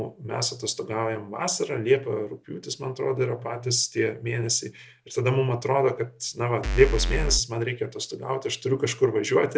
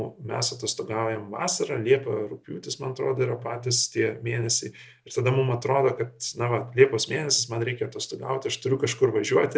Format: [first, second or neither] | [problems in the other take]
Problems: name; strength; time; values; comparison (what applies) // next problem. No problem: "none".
second | background sound (Bass drum / Keyboard (musical)); 1 dB above the speech